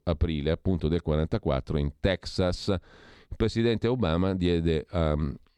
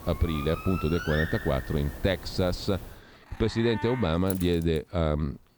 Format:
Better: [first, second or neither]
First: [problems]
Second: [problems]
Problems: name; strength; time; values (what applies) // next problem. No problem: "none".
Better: first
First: none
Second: animal sounds; loud; throughout; 10 dB below the speech